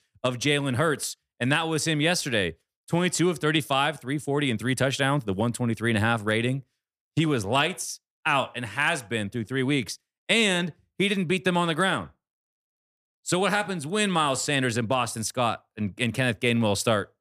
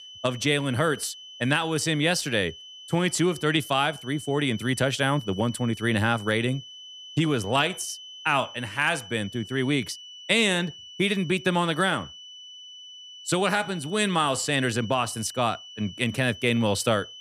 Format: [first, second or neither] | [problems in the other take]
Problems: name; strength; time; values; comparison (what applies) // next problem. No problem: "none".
first | high-pitched whine; noticeable; throughout; 3 kHz, 15 dB below the speech